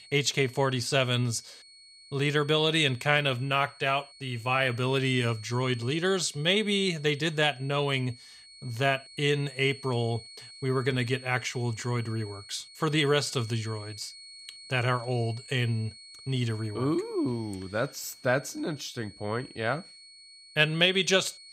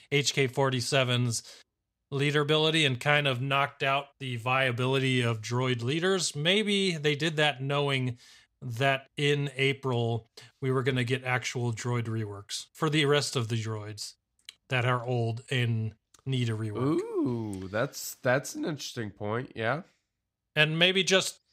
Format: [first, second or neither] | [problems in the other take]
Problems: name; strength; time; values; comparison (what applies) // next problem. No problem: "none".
second | high-pitched whine; noticeable; throughout; 4.5 kHz, 20 dB below the speech